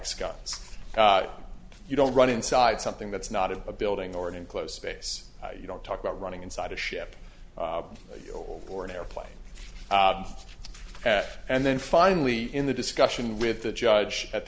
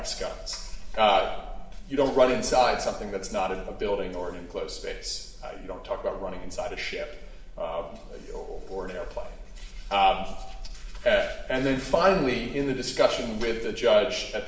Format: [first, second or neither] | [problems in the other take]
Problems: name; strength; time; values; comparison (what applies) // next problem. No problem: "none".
first | room echo; dies away in 0.8 s